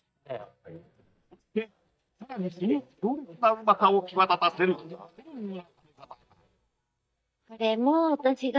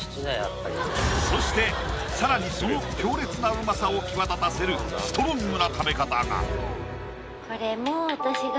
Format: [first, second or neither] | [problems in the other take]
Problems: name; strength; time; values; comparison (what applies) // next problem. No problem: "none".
second | noise reduction (neural mask model DeepFilterNet 3)